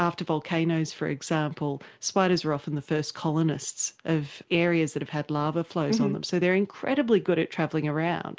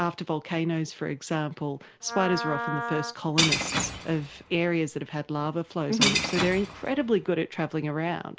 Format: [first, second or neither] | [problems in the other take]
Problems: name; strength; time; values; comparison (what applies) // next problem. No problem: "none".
first | background sound (Shatter / Crushing + Wind instrument, woodwind instrument); 4 dB below the speech